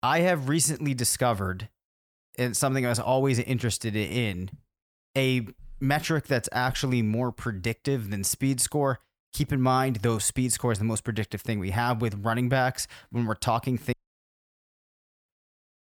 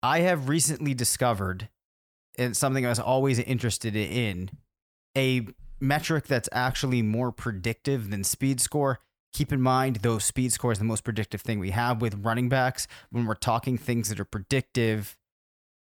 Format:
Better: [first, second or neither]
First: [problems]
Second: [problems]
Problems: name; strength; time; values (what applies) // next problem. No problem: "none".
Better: second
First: audio cutting out; at 14 s for 1.5 s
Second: none